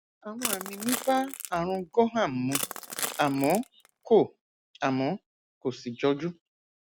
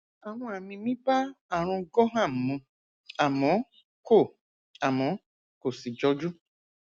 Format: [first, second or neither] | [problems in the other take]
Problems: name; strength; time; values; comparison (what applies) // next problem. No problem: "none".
second | background sound (Crushing); 8 dB below the speech